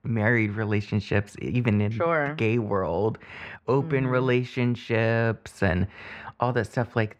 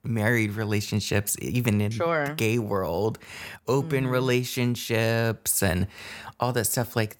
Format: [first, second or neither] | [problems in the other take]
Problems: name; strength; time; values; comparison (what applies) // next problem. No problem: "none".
second | muffled; very; fading above 2 kHz